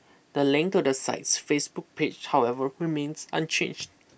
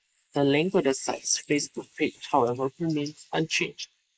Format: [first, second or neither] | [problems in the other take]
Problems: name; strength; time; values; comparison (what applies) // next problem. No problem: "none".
first | noise reduction (neural mask model Resemble Enhance denoiser)